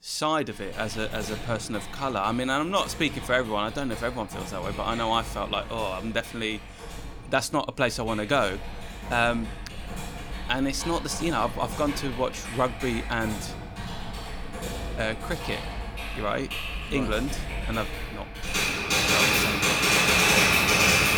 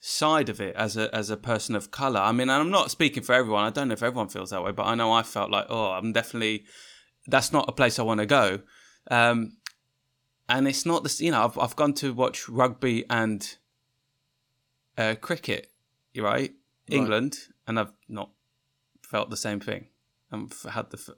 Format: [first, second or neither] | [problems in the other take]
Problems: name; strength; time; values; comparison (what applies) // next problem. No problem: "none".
second | household noises; very loud; throughout; 2 dB above the speech